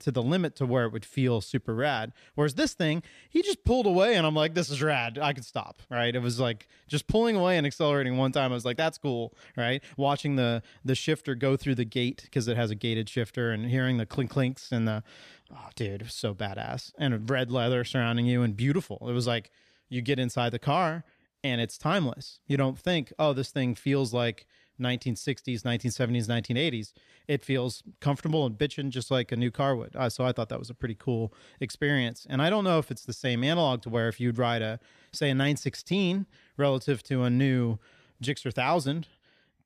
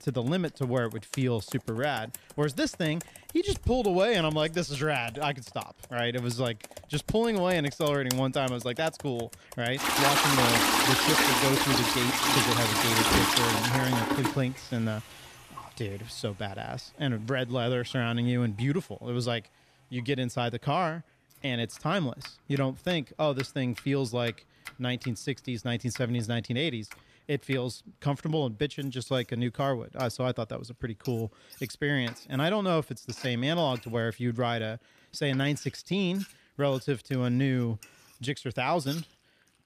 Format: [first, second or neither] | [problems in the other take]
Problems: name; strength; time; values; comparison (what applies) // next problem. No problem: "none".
first | household noises; very loud; throughout; 5 dB above the speech